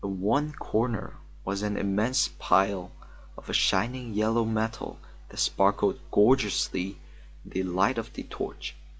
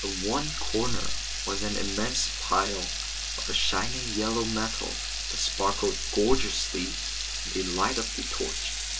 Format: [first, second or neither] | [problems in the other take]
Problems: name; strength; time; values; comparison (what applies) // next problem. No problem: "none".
first | background sound (Water tap, faucet / Liquid); 4 dB below the speech // room echo; dies away in 0.2 s